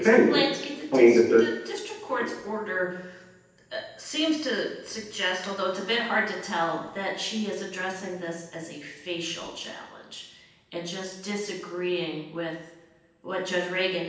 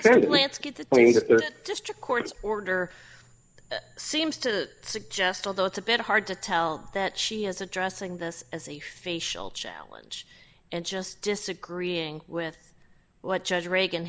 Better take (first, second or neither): second